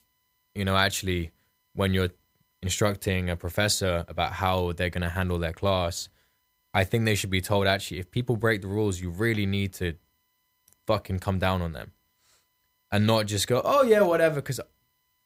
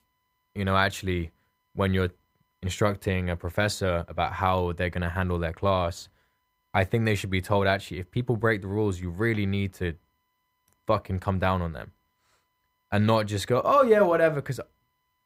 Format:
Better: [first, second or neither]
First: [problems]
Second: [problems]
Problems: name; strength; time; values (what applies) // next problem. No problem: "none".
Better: first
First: none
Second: muffled; slightly; fading above 3 kHz